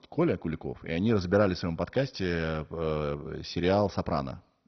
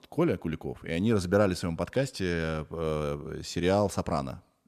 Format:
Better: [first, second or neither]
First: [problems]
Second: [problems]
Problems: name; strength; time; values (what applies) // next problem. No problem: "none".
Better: second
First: garbled, watery; badly; nothing above 6 kHz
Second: none